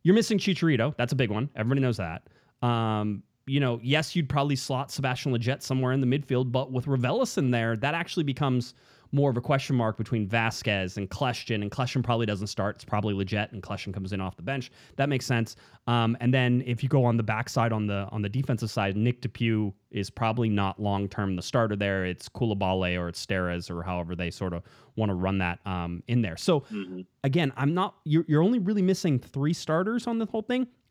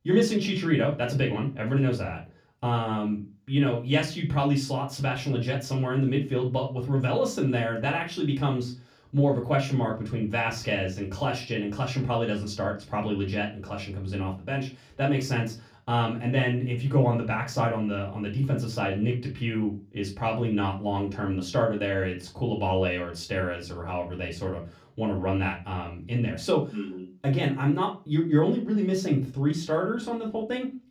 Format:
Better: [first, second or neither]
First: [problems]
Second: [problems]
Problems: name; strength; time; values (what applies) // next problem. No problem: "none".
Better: first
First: none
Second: off-mic speech; far // room echo; very slight; dies away in 0.2 s